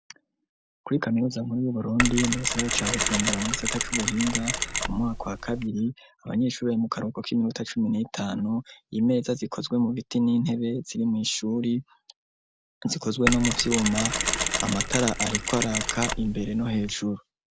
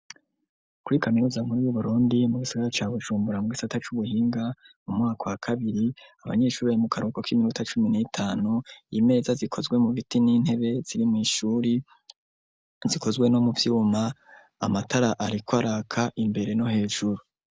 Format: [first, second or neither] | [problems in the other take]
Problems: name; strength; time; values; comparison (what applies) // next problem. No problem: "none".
second | background sound (Mechanisms); 1 dB below the speech